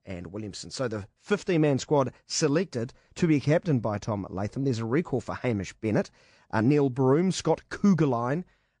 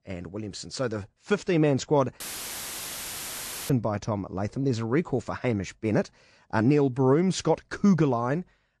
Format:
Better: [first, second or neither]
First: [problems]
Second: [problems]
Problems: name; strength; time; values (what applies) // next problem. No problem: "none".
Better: first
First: none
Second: audio cutting out; filled with static; at 2 s for 1.5 s